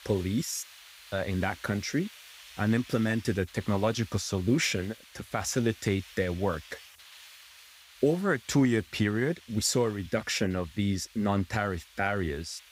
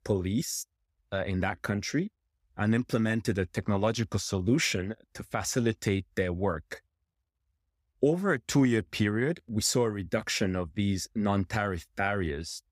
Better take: second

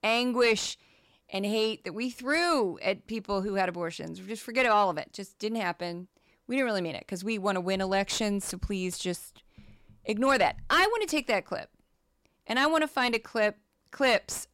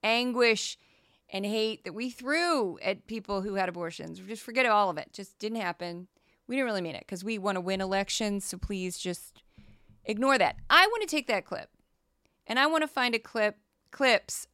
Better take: second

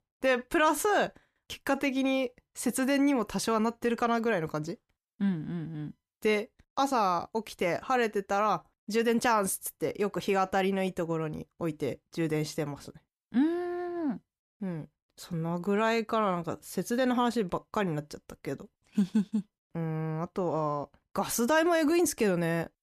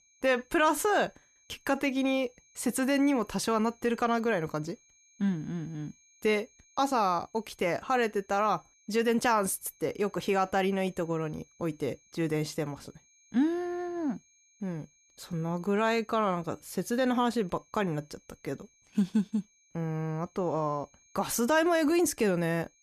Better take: first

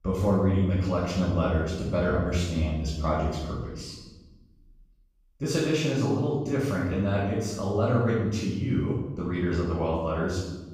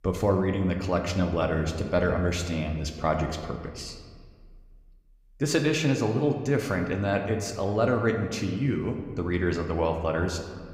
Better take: second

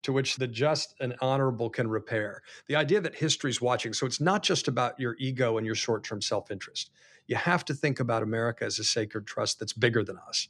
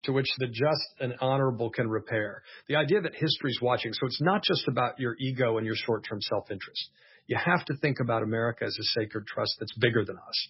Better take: first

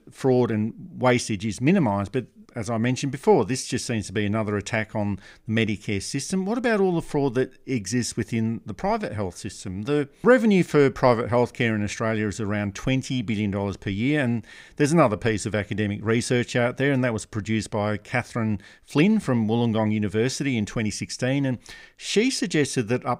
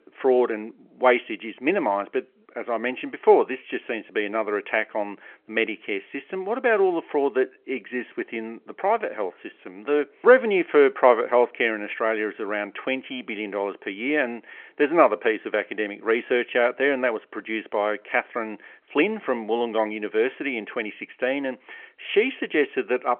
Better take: first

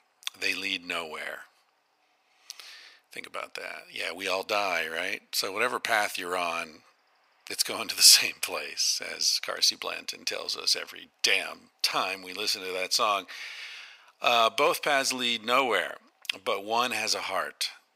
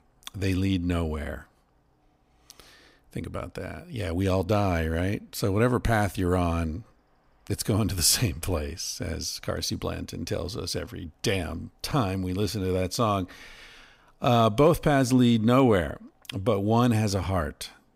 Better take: second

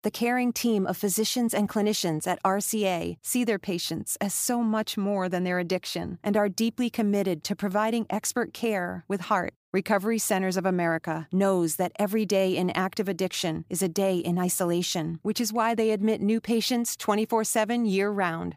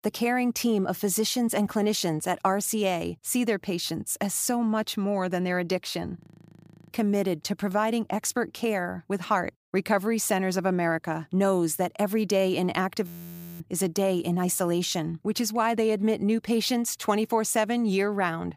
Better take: first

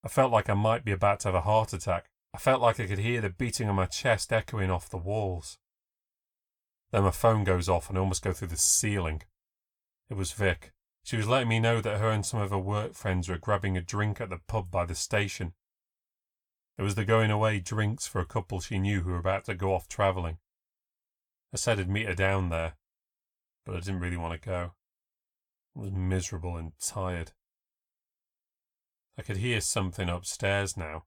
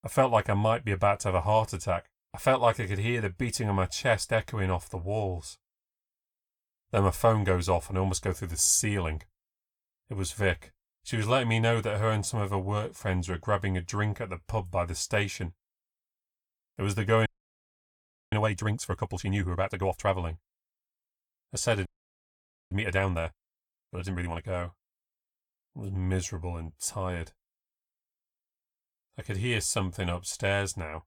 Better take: first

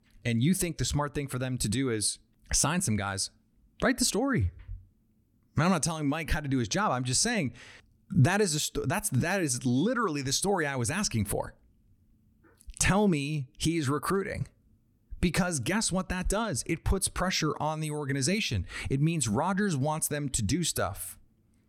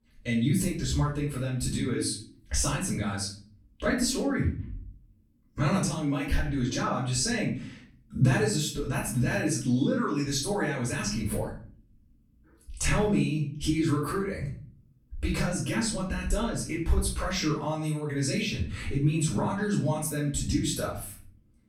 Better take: first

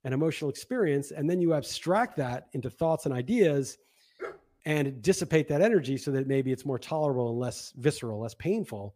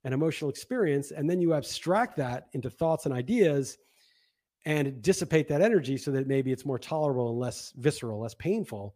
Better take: second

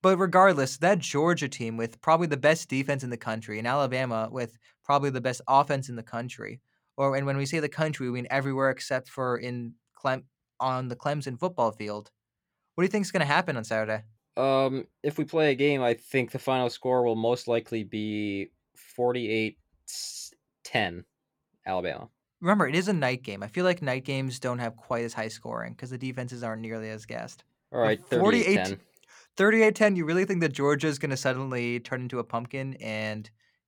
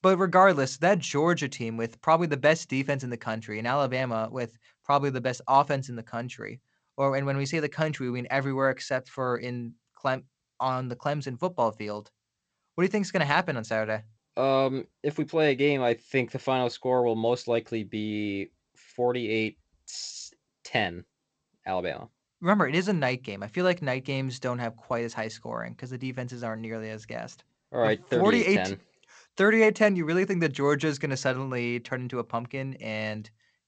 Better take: first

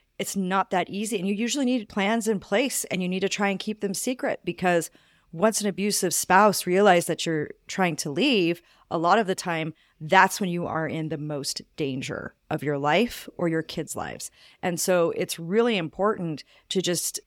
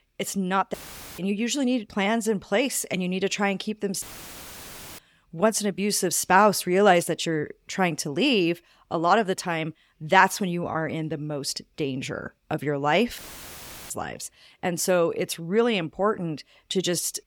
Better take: first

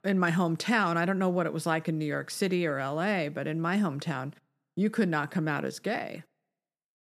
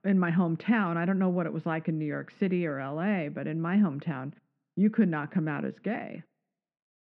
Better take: first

